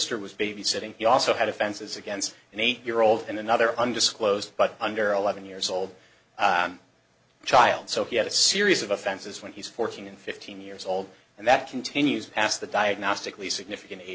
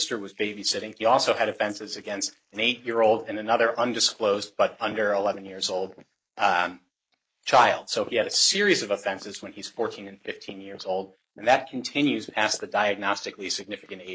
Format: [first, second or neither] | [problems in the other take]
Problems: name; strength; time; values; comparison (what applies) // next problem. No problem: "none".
first | noise reduction (neural mask model Resemble Enhance denoiser)